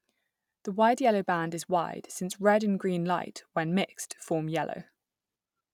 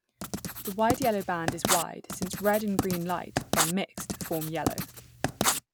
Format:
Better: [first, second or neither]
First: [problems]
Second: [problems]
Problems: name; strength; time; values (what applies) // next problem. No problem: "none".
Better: first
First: none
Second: background sound (Writing); 1 dB below the speech